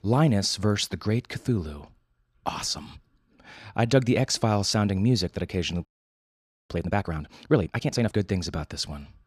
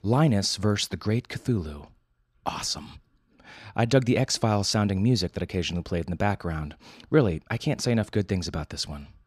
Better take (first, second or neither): second